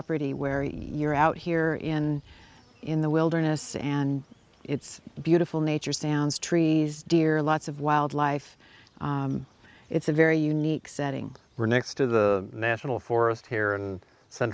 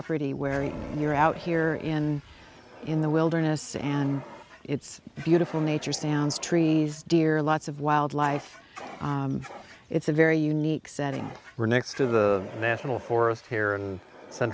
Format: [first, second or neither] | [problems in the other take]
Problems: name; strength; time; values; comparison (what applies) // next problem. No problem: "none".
first | background sound (Fire); 18 dB below the speech